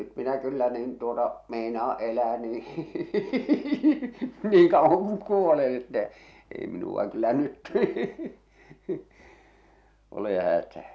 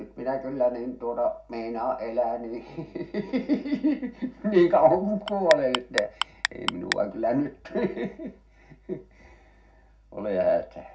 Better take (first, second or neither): first